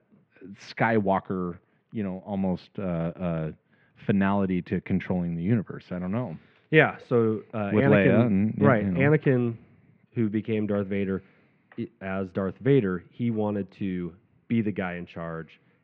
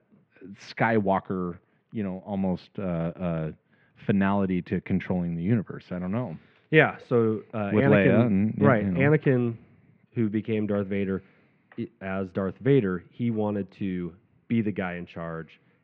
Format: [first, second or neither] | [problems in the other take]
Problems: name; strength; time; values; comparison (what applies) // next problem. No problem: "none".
neither | muffled; very; fading above 2.5 kHz; the same in both